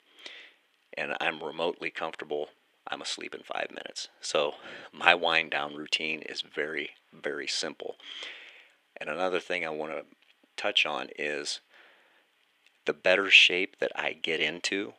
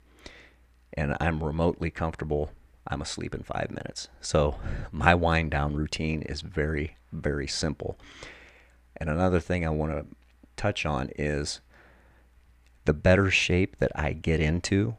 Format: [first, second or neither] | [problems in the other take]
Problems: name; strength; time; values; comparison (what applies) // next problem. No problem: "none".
second | thin; somewhat; fading below 350 Hz